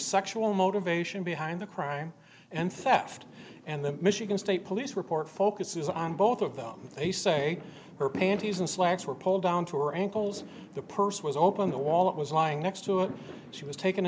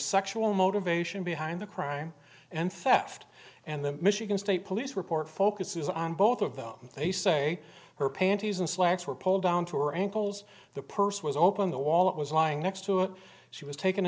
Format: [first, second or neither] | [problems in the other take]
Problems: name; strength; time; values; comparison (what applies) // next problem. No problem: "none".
second | background sound (Fireworks); 16 dB below the speech